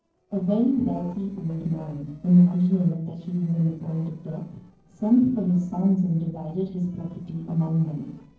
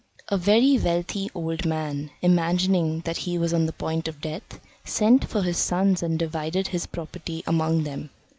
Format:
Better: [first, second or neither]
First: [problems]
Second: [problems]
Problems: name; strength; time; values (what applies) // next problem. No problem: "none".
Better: second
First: noise reduction (neural separator model SepFormer DNS4)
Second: none